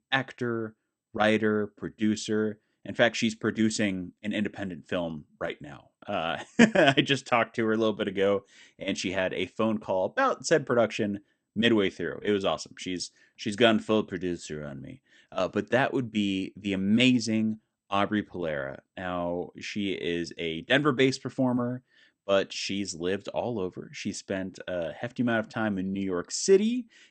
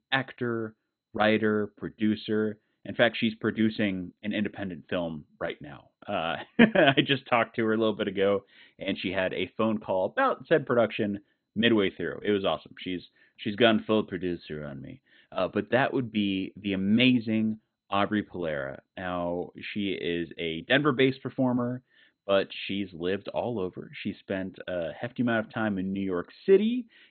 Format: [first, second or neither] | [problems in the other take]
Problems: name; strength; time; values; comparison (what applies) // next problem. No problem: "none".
first | garbled, watery; badly; nothing above 3.5 kHz; slightly in the first